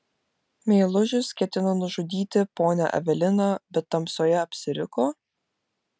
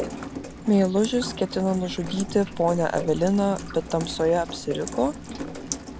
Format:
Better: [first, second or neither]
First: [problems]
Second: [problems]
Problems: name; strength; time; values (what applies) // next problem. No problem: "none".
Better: first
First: none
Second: background sound (Rain); 10 dB below the speech